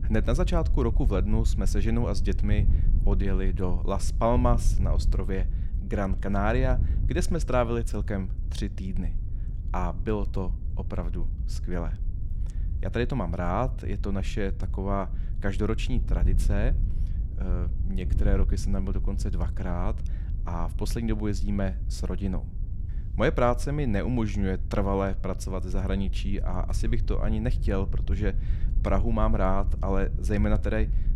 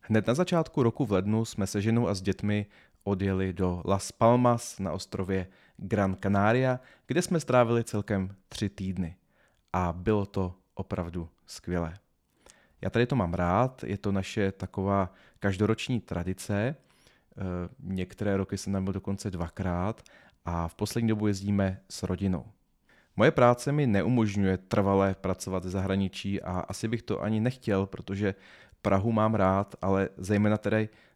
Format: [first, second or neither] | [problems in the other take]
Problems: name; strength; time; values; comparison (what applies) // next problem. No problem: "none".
second | wind noise on the microphone; occasional gusts; 15 dB below the speech